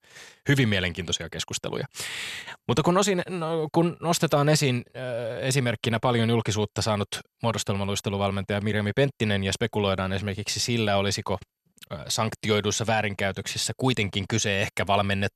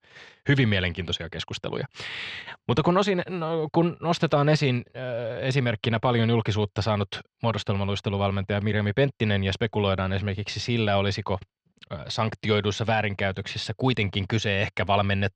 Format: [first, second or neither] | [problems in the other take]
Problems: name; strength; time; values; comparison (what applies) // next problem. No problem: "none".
first | muffled; very slightly; fading above 4 kHz